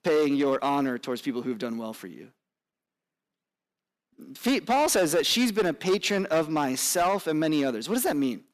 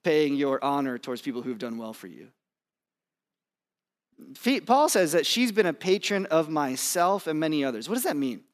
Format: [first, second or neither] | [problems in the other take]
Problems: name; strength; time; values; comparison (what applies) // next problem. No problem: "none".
second | distortion; slight; 6% of the sound clipped